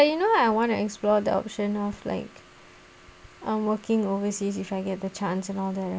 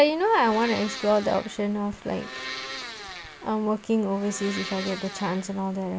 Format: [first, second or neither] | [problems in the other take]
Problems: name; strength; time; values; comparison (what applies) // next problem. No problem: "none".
first | background sound (Domestic sounds, home sounds); 12 dB below the speech